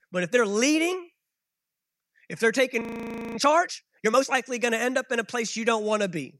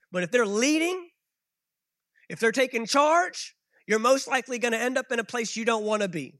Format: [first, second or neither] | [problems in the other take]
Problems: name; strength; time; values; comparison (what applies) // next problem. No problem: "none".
second | audio freezing; at 3 s for 0.5 s